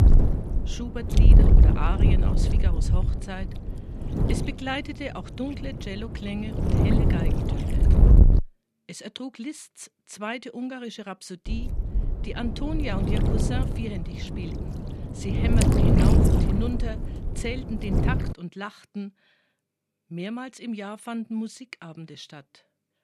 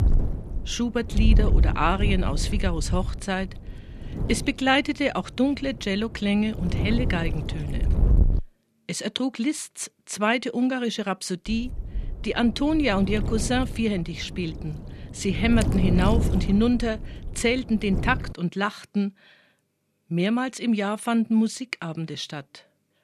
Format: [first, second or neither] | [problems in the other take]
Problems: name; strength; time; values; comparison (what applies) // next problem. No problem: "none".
second | wind noise on the microphone; heavy; until 8.5 s and from 11 to 18 s; 2 dB above the speech; occasional gusts in the second